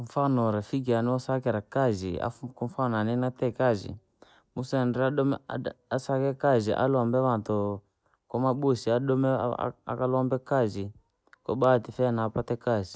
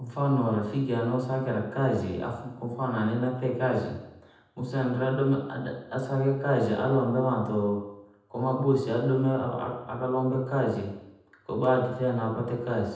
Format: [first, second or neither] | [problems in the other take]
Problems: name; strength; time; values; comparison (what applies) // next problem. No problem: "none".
first | room echo; dies away in 0.9 s